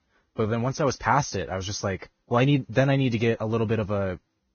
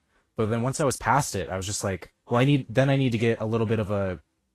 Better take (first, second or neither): second